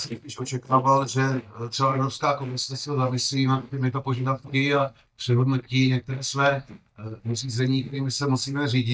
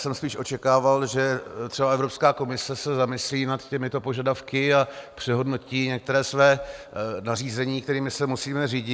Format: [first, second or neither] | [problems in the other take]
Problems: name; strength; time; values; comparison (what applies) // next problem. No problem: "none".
second | noise reduction (neural mask model DeepFilterNet 3)